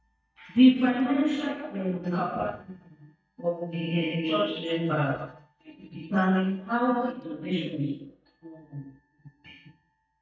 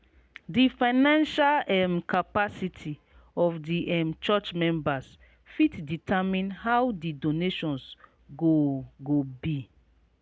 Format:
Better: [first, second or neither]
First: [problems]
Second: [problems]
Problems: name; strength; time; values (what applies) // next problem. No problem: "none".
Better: second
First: noise reduction (neural mask model DeepFilterNet 3)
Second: none